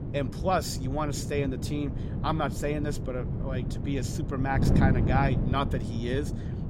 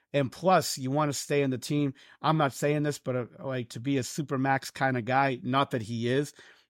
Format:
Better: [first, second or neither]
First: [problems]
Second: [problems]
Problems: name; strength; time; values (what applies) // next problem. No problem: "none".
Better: second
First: wind noise on the microphone; heavy; 7 dB below the speech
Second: none